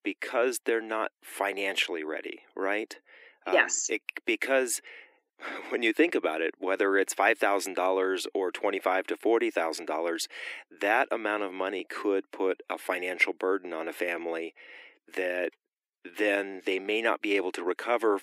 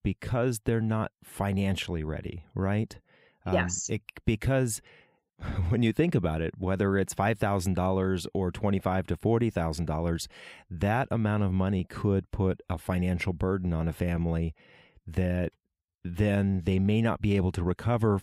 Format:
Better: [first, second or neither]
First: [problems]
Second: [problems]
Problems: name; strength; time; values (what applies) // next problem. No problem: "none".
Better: second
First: thin; very; fading below 300 Hz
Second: none